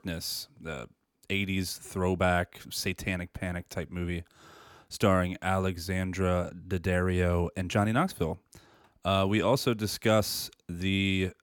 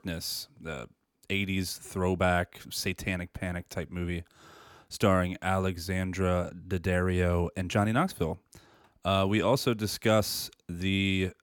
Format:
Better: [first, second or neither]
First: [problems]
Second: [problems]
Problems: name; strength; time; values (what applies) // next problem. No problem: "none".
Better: neither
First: none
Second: none